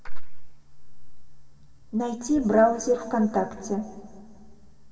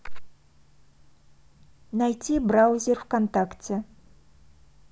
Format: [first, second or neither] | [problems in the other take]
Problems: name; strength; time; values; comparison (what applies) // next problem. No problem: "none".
second | room echo; dies away in 2.2 s